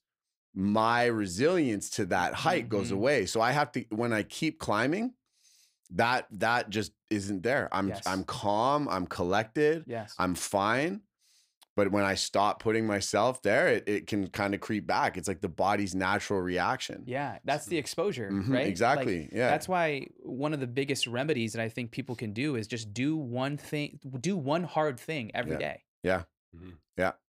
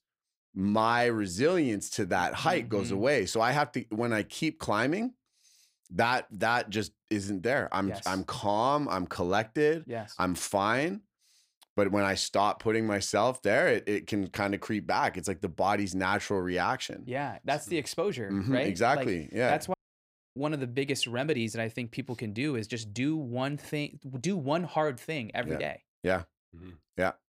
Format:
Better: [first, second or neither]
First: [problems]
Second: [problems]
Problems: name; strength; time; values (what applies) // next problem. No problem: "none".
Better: first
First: none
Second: audio cutting out; at 20 s for 0.5 s